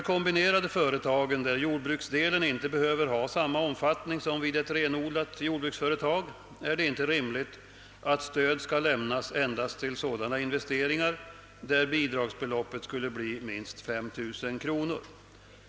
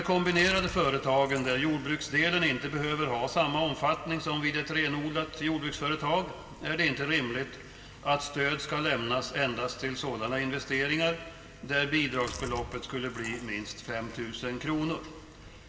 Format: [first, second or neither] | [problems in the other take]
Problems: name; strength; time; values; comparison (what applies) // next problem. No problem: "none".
first | background sound (Chewing, mastication); 19 dB below the speech // room echo; dies away in 2.7 s